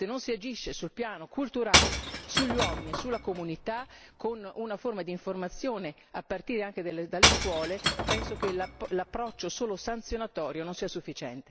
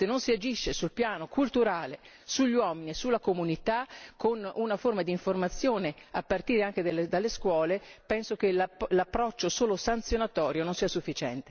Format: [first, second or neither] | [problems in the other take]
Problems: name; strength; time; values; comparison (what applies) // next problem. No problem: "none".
second | background sound (Shatter / Crushing); 3 dB above the speech